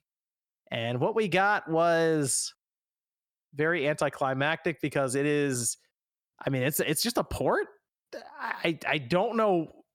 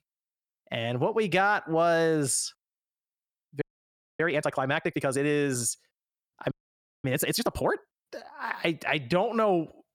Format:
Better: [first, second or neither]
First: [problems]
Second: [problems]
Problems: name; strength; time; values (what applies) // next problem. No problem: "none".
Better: first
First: none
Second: audio freezing; at 3.5 s for 0.5 s and at 6.5 s for 0.5 s